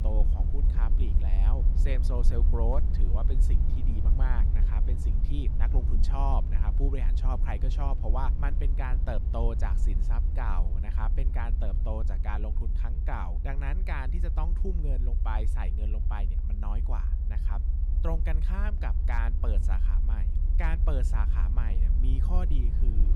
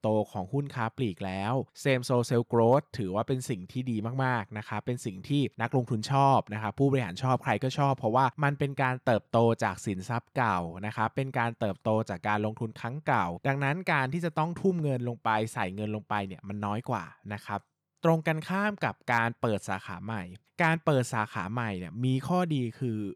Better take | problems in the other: second | low rumble; loud; throughout; 8 dB below the speech

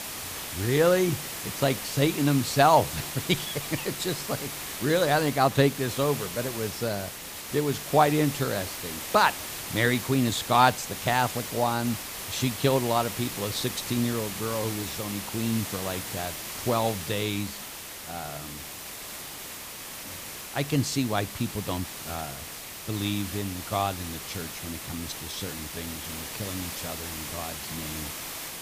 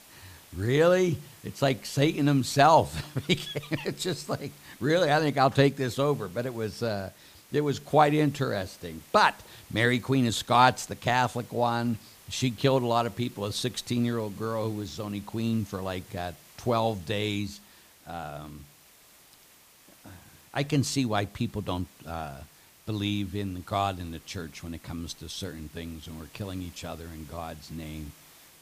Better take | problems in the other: second | hiss; loud; throughout; 7 dB below the speech; faint in the second

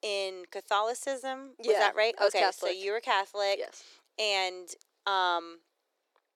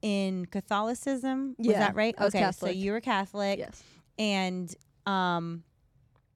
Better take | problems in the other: second | thin; very; fading below 350 Hz

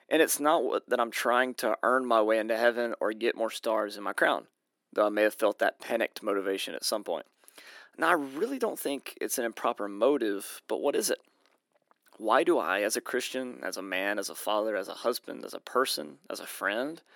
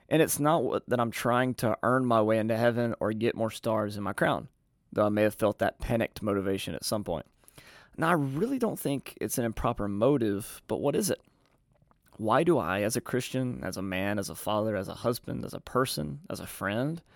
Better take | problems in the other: second | thin; somewhat; fading below 300 Hz

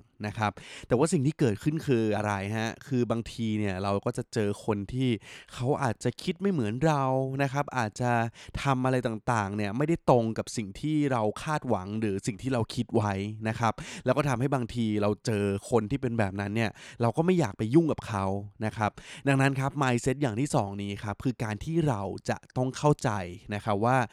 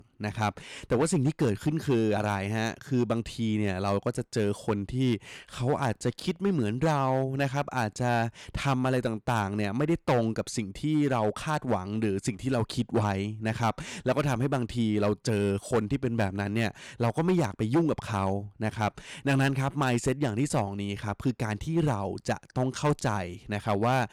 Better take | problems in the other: first | distortion; slight; 4% of the sound clipped

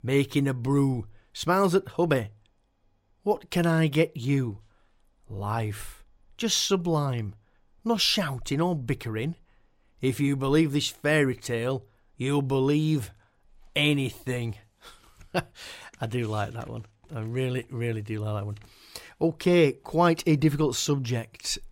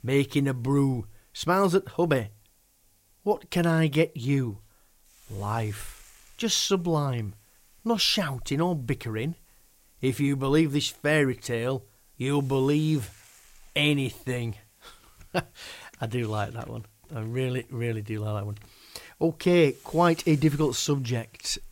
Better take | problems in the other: first | hiss; faint; throughout; 30 dB below the speech

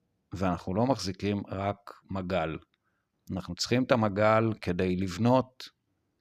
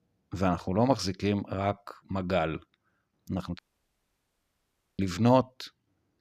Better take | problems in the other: first | audio cutting out; at 3.5 s for 1.5 s

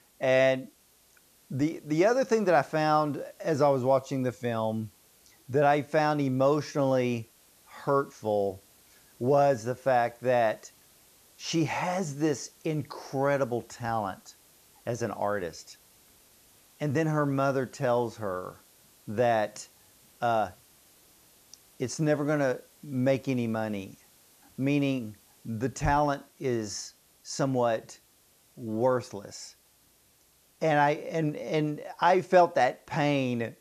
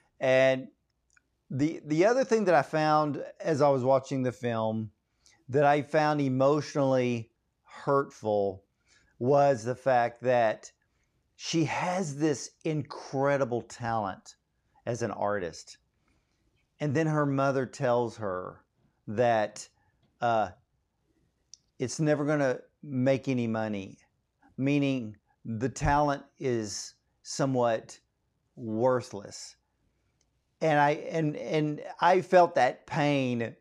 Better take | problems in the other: second | hiss; faint; throughout; 30 dB below the speech

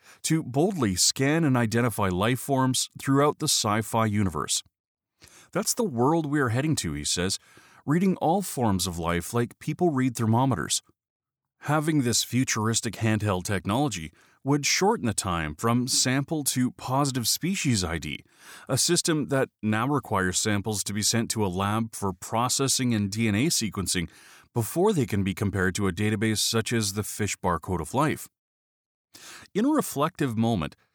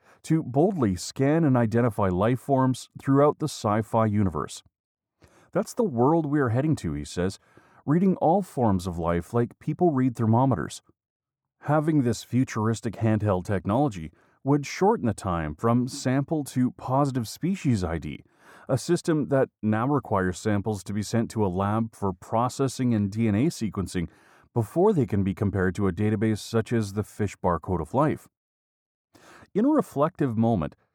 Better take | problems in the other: first | muffled; very; fading above 2 kHz

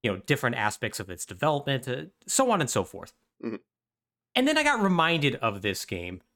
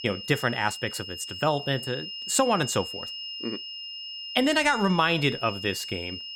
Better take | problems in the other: first | high-pitched whine; loud; throughout; 3 kHz, 9 dB below the speech

